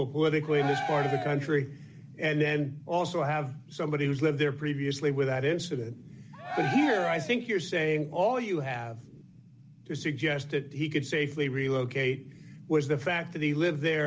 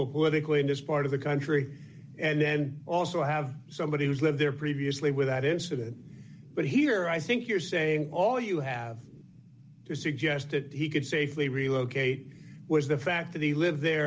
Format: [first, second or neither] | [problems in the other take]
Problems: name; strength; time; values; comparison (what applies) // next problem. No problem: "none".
second | background sound (Cheering); 6 dB below the speech